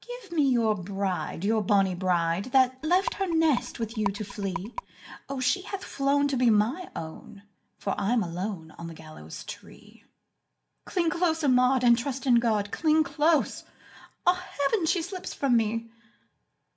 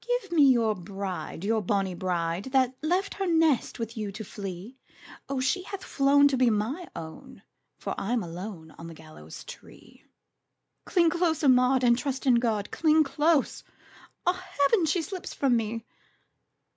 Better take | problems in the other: second | background sound (Rattle); 11 dB below the speech // room echo; dies away in 0.3 s

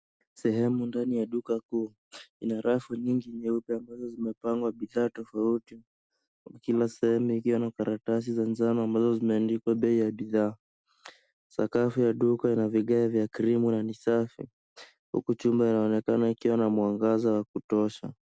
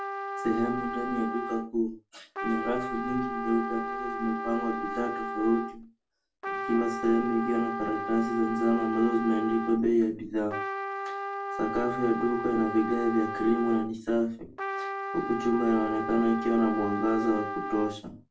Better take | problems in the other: first | background sound (Trumpet); 6 dB below the speech // room echo; dies away in 0.3 s

